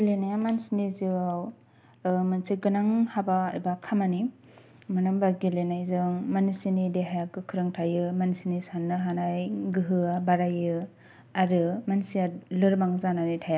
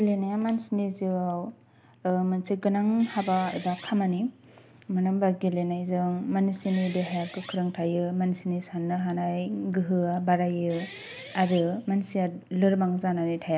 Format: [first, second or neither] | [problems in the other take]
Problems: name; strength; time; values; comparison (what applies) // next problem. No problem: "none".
first | background sound (Guitar); 19 dB below the speech